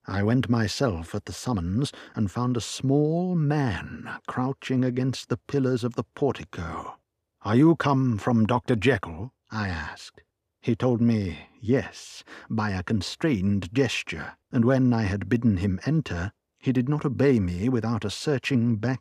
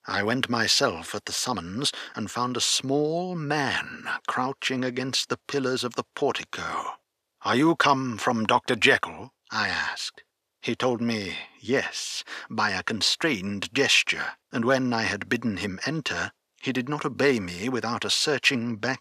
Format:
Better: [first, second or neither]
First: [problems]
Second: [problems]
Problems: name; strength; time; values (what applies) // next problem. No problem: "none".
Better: first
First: none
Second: thin; somewhat; fading below 1 kHz